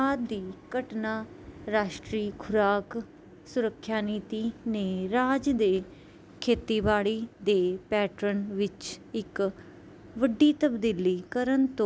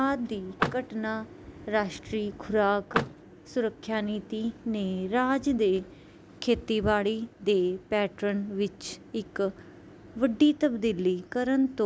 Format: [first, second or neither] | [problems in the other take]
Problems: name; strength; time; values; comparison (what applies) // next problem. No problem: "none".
first | background sound (Vehicle); 7 dB below the speech